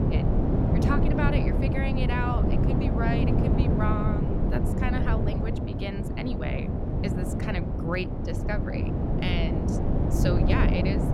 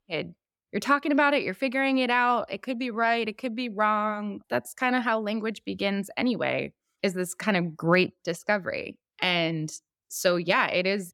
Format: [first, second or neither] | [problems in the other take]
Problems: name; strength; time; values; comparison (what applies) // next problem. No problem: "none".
second | wind noise on the microphone; heavy; as loud as the speech